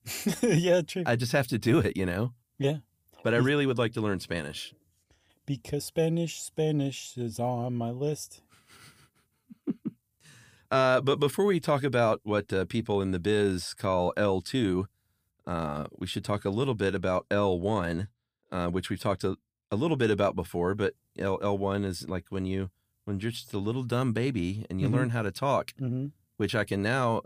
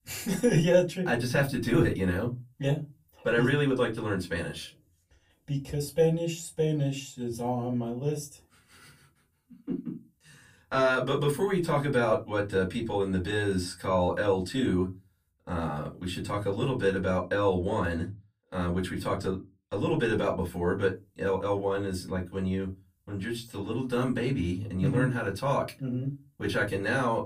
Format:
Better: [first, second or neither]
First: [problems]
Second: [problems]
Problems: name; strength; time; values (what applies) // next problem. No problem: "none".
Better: first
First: none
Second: off-mic speech; far // room echo; very slight; dies away in 0.2 s